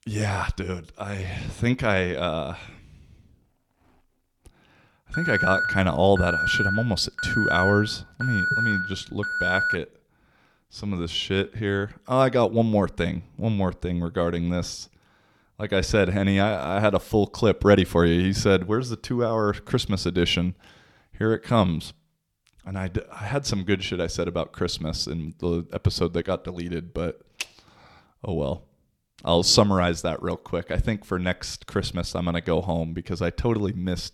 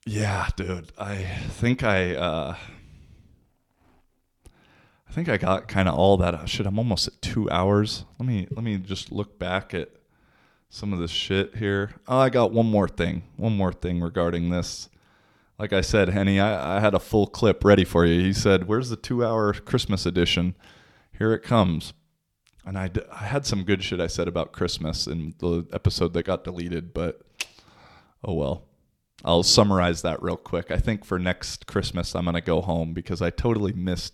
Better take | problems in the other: second | alarm; loud; from 5 to 10 s; peak 2 dB above the speech

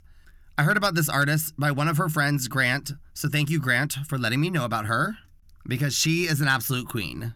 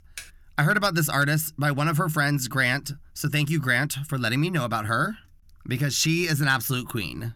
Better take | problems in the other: first | keyboard typing; faint; at the start; peak 15 dB below the speech

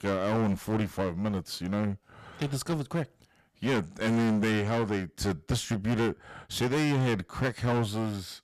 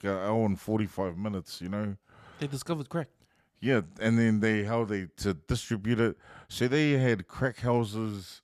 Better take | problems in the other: second | distortion; heavy; 17% of the sound clipped

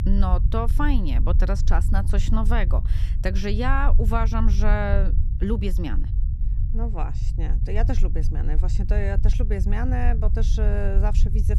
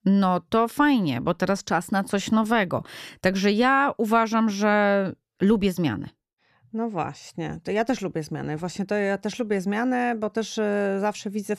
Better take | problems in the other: second | low rumble; noticeable; throughout; 10 dB below the speech

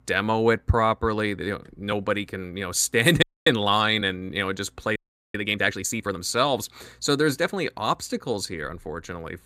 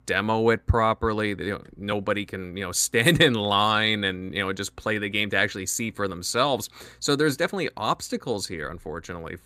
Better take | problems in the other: second | audio freezing; at 3 s and at 5 s

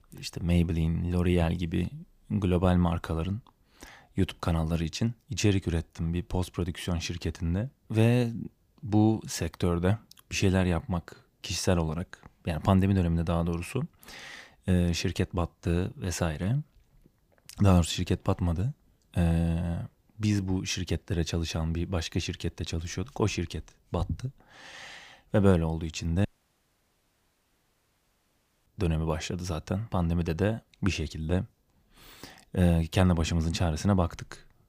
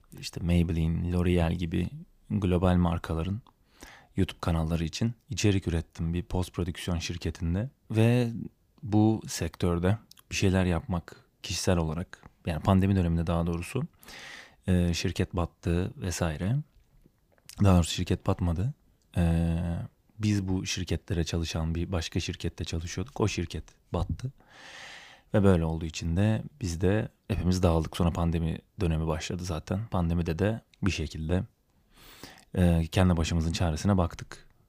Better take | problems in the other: second | audio cutting out; at 26 s for 2.5 s

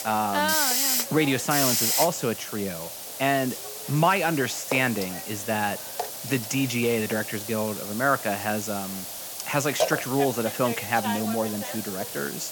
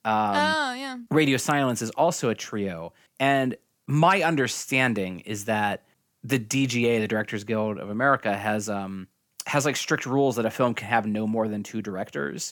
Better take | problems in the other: second | hiss; loud; throughout; 2 dB below the speech

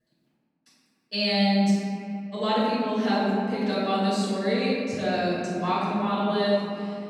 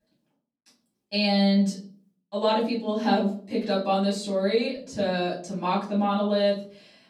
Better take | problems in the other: second | room echo; strong; dies away in 3 s; slight in the second // off-mic speech; far; far in the second

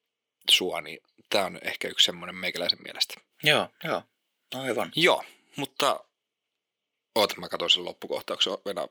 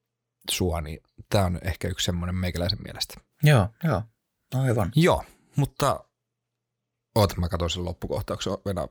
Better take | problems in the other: second | thin; somewhat; fading below 300 Hz

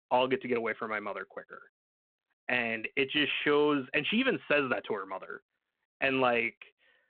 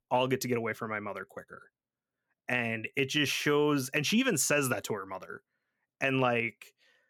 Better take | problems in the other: second | phone-call audio

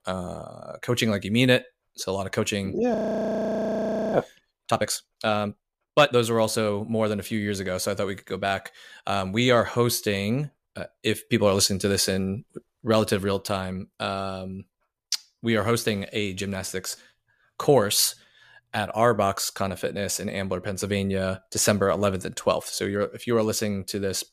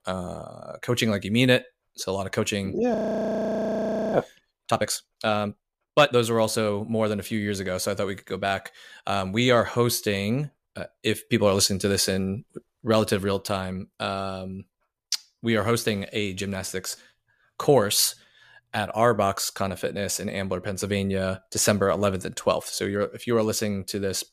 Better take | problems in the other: neither | audio freezing; at 3 s for 1 s; the same in both

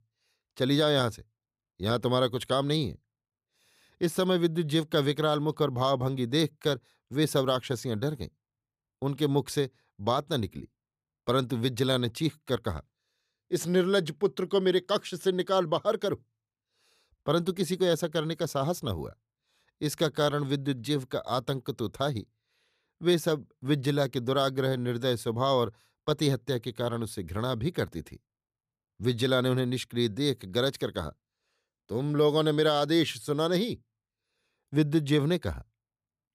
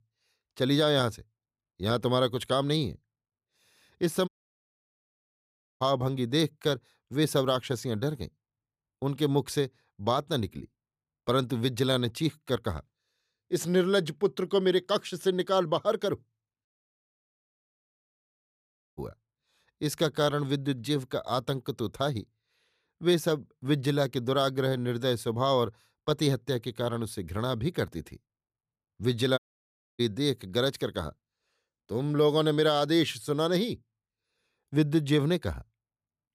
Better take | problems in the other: first | audio cutting out; at 4.5 s for 1.5 s, at 17 s for 2.5 s and at 29 s for 0.5 s

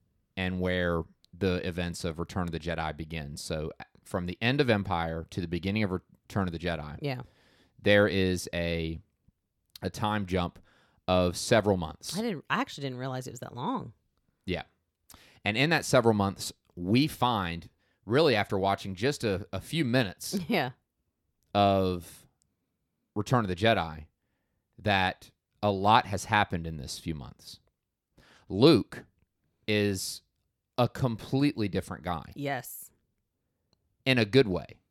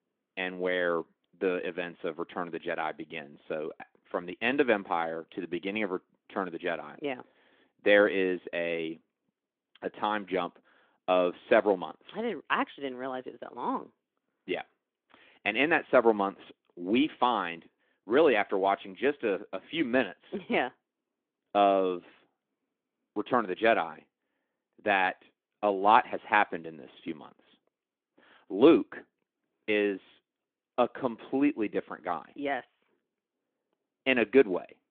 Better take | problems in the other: first | phone-call audio; nothing above 3.5 kHz

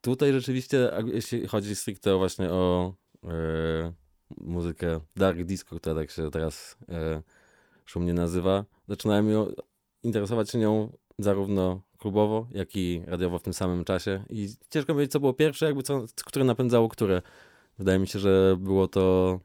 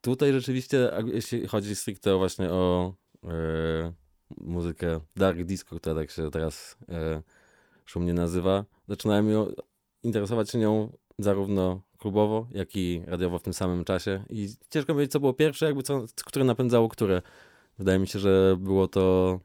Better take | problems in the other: neither | none

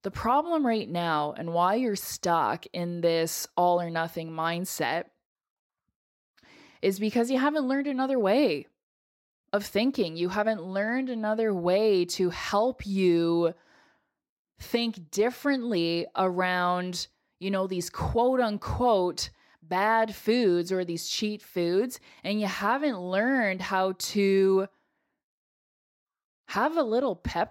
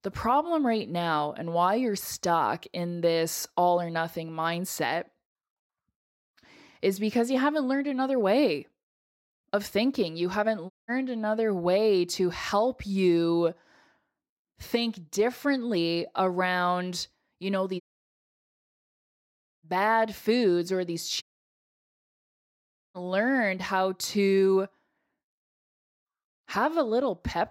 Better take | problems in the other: first | audio cutting out; at 11 s, at 18 s for 2 s and at 21 s for 1.5 s

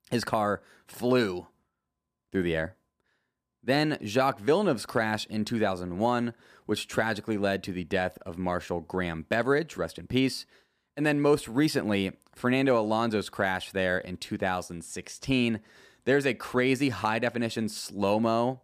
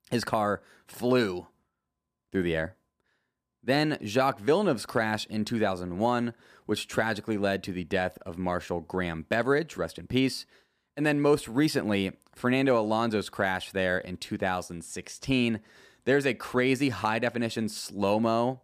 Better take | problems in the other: neither | none

